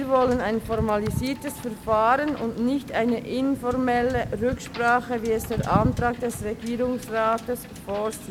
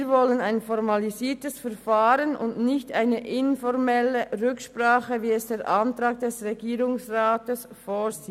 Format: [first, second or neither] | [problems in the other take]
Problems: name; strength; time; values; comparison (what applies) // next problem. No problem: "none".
second | background sound (Wind / Boat, Water vehicle); 9 dB below the speech